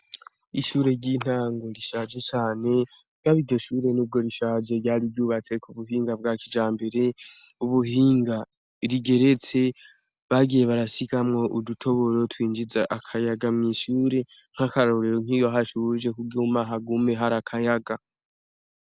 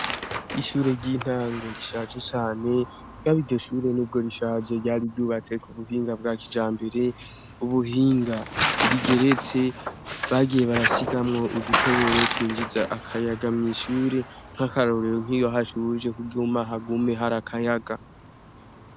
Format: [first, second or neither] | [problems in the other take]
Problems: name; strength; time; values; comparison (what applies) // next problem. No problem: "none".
first | background sound (Tearing); 7 dB below the speech